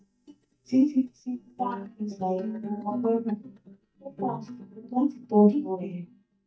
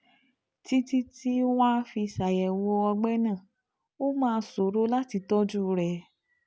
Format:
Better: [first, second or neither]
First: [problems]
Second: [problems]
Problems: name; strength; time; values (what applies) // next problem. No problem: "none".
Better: second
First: noise reduction (neural mask model DeepFilterNet 3)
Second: none